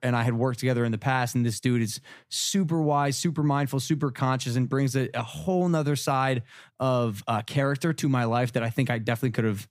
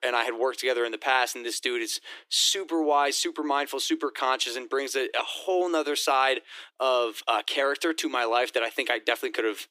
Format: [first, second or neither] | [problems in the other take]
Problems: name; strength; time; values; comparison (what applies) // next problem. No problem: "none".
first | thin; very; fading below 300 Hz